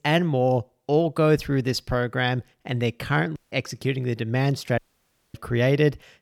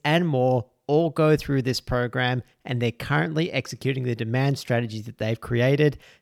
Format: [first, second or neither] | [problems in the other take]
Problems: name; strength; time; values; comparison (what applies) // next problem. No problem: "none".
second | audio cutting out; at 3.5 s and at 5 s for 0.5 s